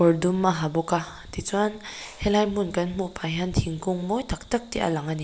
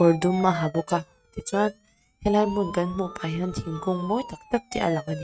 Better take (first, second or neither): first